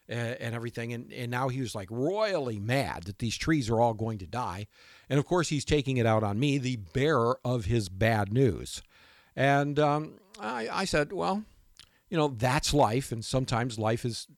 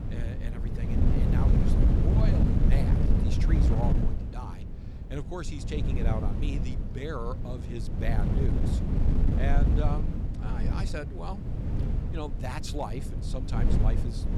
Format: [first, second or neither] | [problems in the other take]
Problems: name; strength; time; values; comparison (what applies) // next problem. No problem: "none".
first | wind noise on the microphone; heavy; as loud as the speech